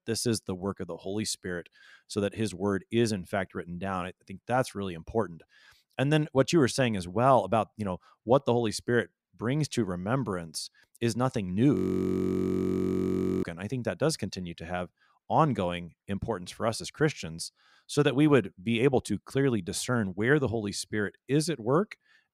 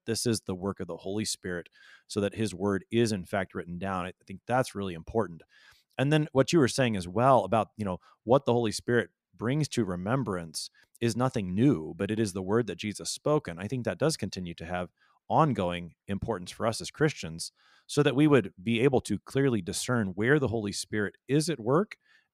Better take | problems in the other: second | audio freezing; at 12 s for 1.5 s

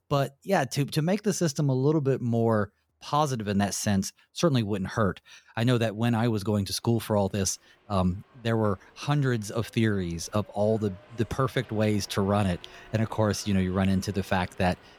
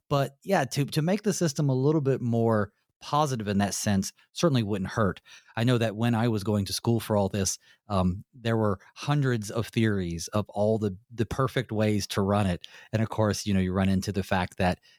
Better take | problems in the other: second | train or aircraft noise; faint; throughout; 25 dB below the speech

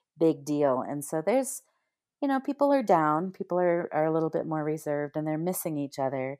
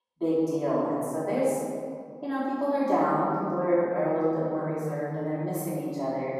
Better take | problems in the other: first | off-mic speech; far // room echo; strong; dies away in 2.1 s

